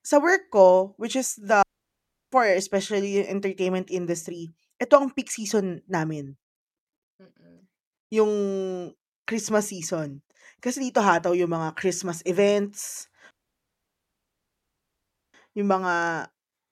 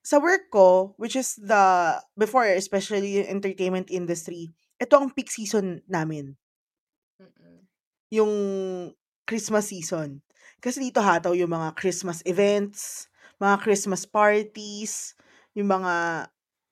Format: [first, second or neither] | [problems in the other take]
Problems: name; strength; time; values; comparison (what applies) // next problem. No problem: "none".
second | audio cutting out; at 1.5 s for 0.5 s and at 13 s for 2 s